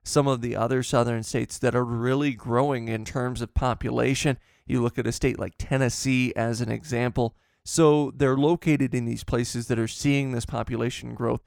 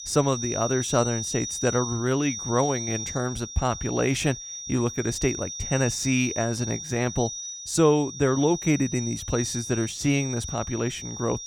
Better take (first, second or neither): first